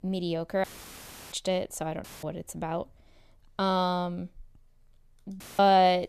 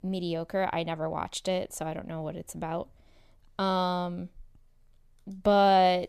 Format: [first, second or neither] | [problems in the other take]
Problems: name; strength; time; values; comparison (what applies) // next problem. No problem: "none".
second | audio cutting out; filled with static; at 0.5 s for 0.5 s, at 2 s and at 5.5 s